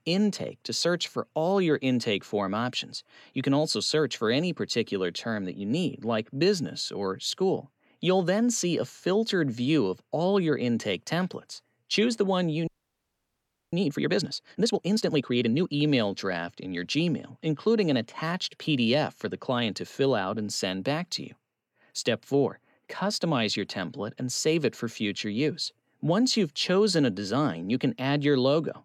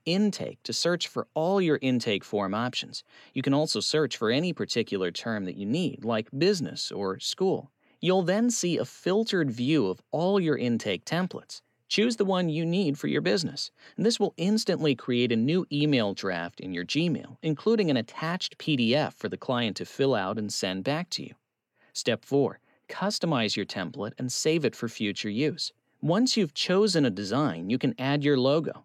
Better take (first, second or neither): second